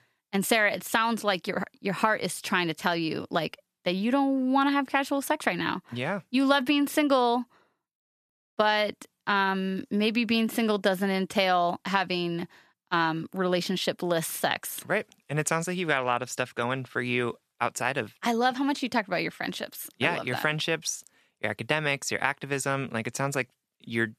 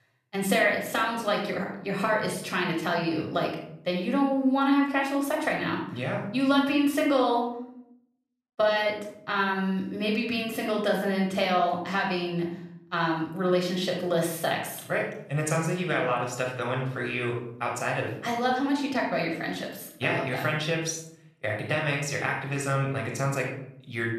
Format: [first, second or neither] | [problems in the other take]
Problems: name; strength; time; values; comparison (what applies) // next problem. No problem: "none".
first | off-mic speech; far // room echo; noticeable; dies away in 0.7 s